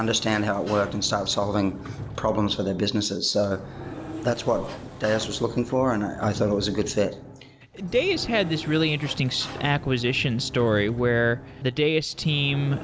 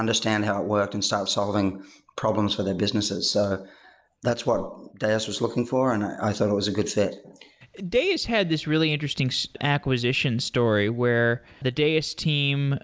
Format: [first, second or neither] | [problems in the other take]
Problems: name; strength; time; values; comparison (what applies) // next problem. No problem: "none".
second | background sound (Sliding door); 13 dB below the speech